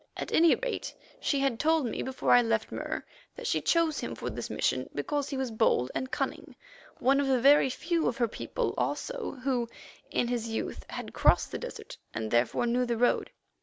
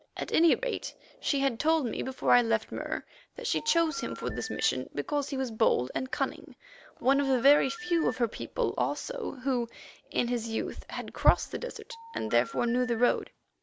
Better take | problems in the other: first | background sound (Telephone); 16 dB below the speech

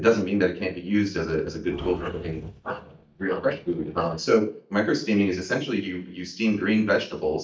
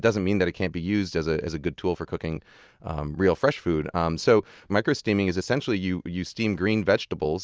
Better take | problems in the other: second | noise reduction (neural mask model DeepFilterNet 3)

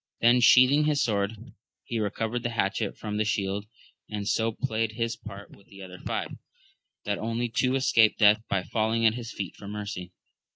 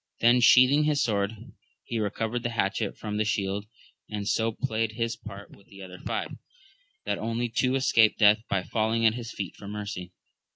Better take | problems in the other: second | noise reduction (neural mask model Resemble Enhance denoiser)

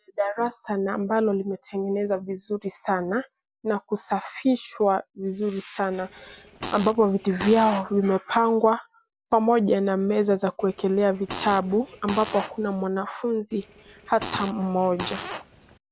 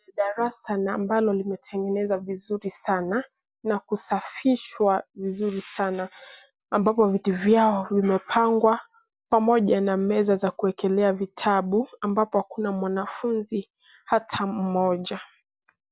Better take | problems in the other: second | background sound (Fart); 13 dB below the speech

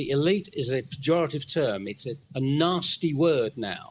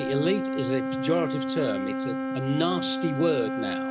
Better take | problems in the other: first | background sound (Wind instrument, woodwind instrument); 1 dB below the speech

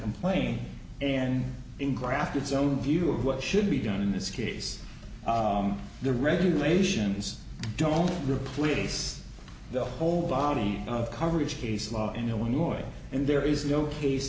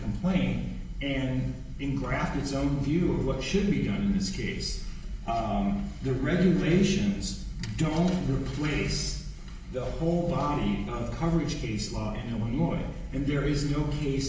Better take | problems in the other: first | room echo; dies away in 0.8 s

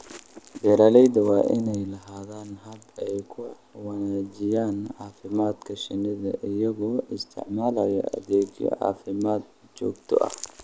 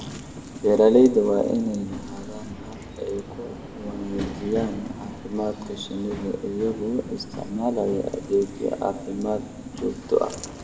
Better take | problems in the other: first | background sound (Subway, metro, underground); 12 dB below the speech // room echo; dies away in 1.2 s

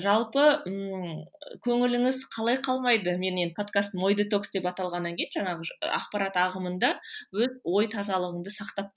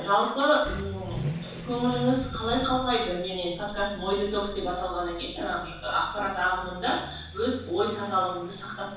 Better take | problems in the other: first | background sound (Accelerating, revving, vroom / Vehicle); 11 dB below the speech // room echo; dies away in 0.7 s

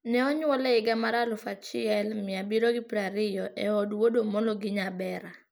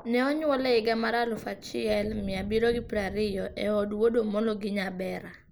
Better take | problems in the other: first | background sound (Thunder); 17 dB below the speech

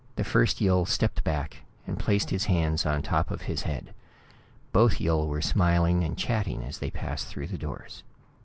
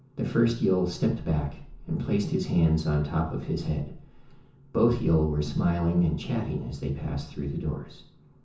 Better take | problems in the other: first | room echo; dies away in 0.6 s

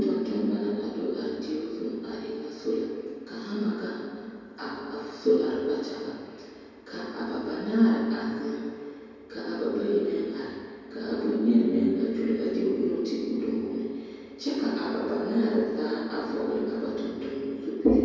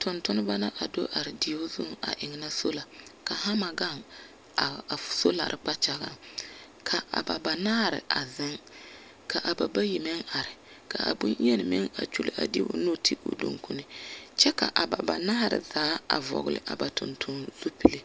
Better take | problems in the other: second | room echo; dies away in 2.2 s

